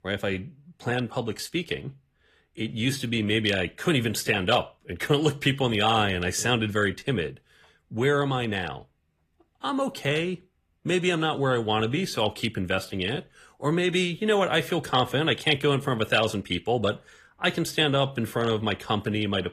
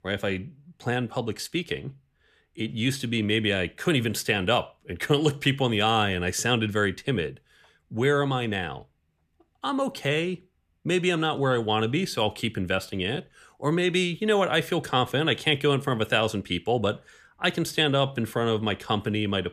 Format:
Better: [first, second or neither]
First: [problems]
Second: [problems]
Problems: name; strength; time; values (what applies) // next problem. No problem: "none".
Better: second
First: garbled, watery; slightly; nothing above 14.5 kHz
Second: none